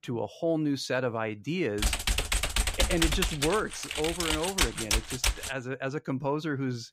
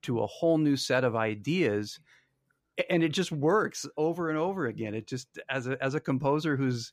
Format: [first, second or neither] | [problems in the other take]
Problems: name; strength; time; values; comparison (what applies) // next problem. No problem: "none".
second | keyboard typing; loud; from 2 to 5.5 s; peak 4 dB above the speech